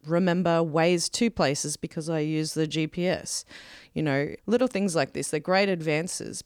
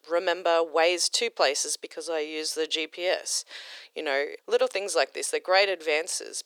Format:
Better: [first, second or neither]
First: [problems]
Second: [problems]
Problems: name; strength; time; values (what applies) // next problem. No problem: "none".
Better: first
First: none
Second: thin; very; fading below 400 Hz